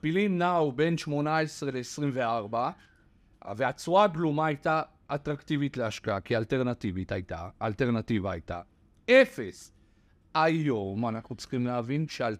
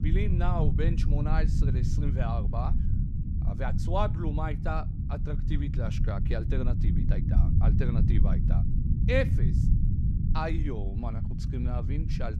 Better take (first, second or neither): first